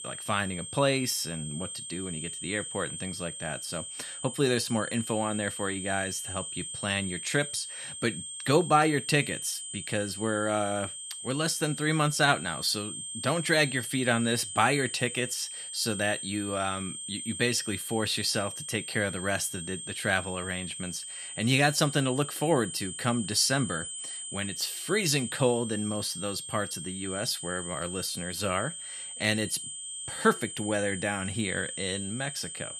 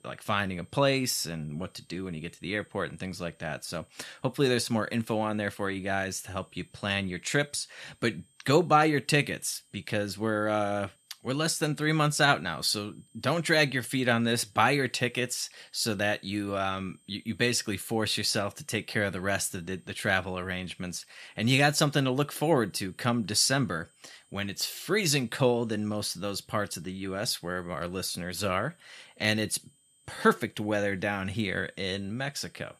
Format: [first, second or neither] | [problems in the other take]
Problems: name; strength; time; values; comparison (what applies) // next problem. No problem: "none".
second | high-pitched whine; loud; throughout; 8.5 kHz, 7 dB below the speech; faint in the second